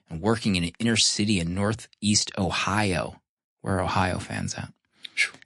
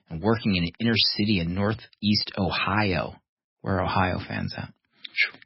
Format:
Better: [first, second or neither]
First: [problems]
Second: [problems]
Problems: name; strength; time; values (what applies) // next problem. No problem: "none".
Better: first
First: garbled, watery; slightly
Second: garbled, watery; badly; nothing above 5.5 kHz